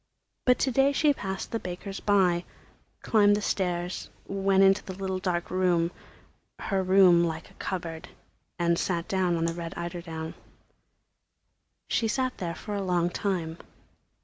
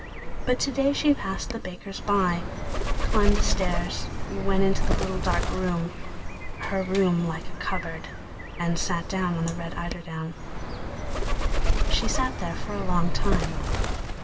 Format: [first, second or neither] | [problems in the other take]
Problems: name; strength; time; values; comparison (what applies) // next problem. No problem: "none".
first | background sound (Bird); 3 dB above the speech // room echo; dies away in 2.2 s